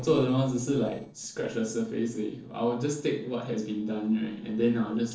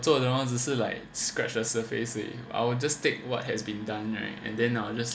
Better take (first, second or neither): second